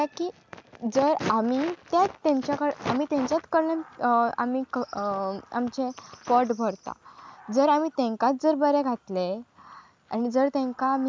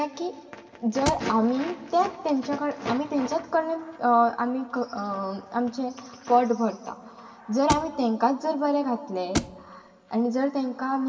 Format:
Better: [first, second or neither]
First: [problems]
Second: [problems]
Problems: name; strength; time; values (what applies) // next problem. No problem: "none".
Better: first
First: none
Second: background sound (Thump, thud); 6 dB below the speech // room echo; dies away in 1.7 s